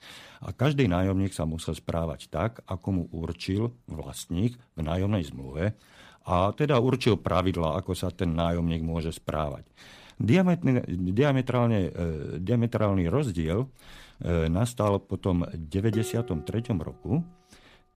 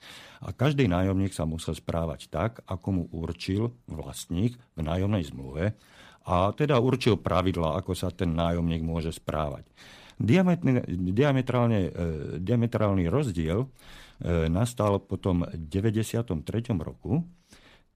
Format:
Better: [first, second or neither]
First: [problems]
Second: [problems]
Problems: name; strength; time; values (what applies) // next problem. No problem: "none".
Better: second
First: clattering dishes; noticeable; at 16 s; peak 10 dB below the speech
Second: none